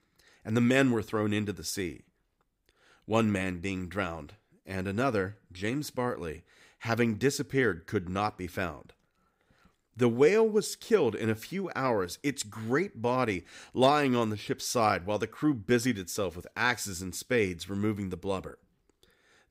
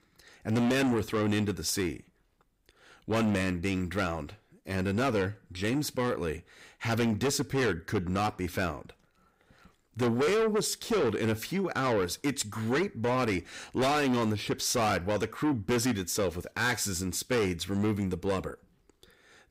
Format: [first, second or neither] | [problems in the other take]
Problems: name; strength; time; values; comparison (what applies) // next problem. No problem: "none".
first | distortion; heavy; 6 dB below the speech